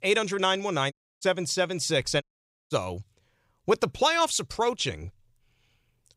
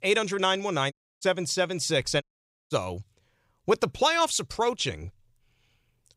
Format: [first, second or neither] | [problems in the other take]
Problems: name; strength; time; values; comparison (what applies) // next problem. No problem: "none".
neither | audio cutting out; at 1 s and at 2 s; the same in both